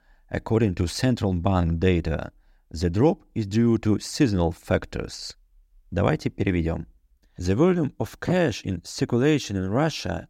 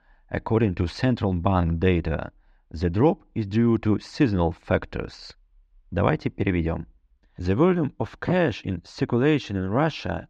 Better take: first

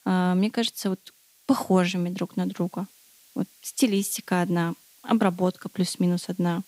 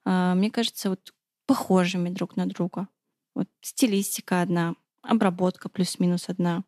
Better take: second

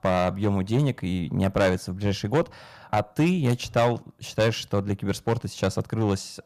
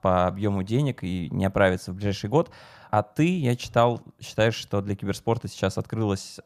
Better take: second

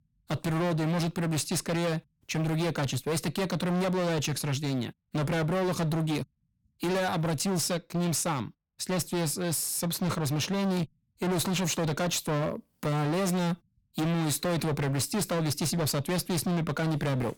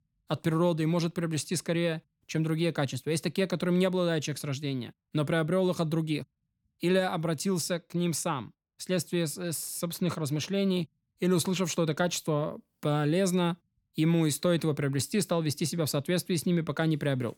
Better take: second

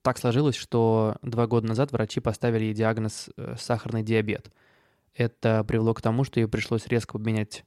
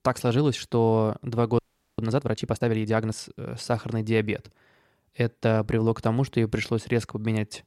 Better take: first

